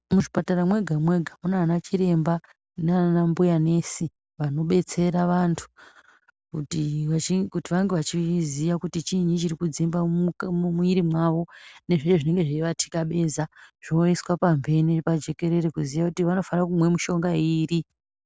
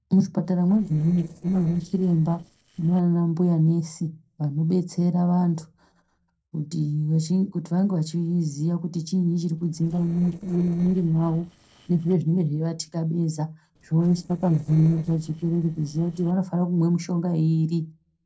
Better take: first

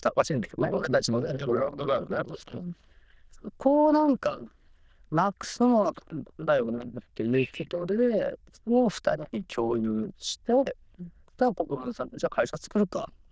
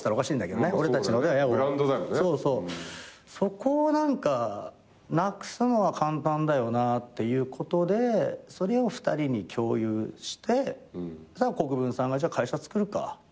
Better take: second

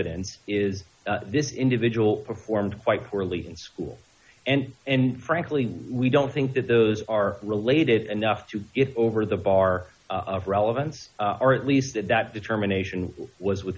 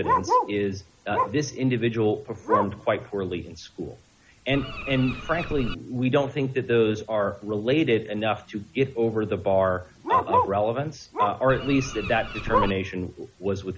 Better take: first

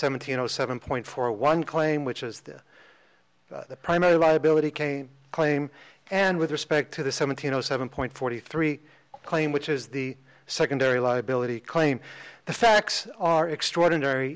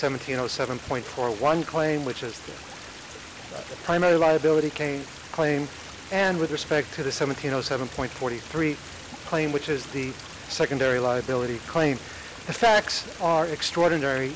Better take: first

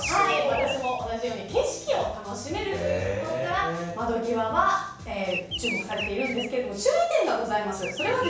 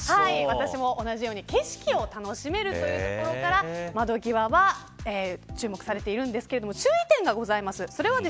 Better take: second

